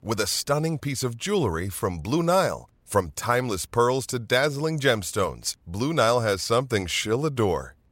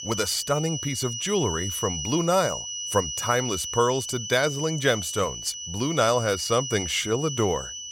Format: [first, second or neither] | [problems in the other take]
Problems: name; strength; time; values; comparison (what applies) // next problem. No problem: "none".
first | high-pitched whine; loud; throughout; 3 kHz, 6 dB below the speech